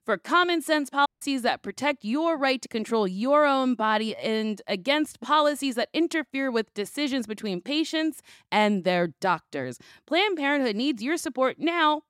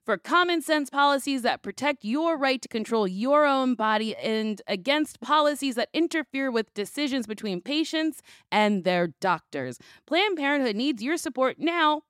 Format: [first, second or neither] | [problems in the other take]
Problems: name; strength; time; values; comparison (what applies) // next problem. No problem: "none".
second | audio cutting out; at 1 s